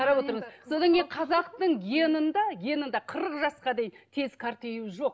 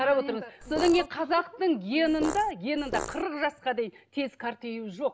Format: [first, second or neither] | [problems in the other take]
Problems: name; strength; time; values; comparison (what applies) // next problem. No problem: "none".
first | background sound (Fart); 8 dB below the speech